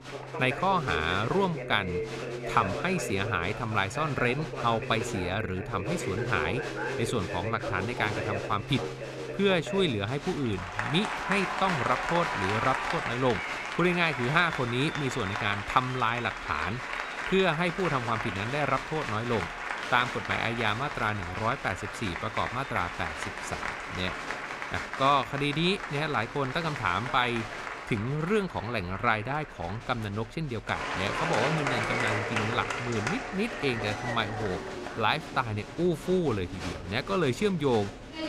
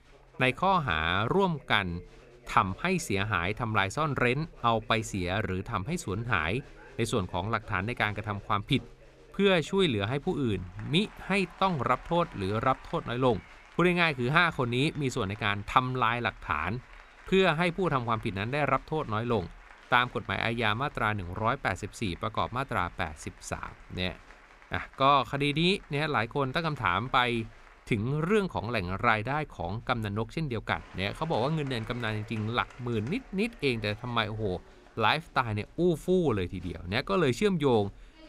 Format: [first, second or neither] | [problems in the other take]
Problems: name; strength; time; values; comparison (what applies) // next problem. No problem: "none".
second | crowd noise; loud; throughout; 5 dB below the speech; faint in the second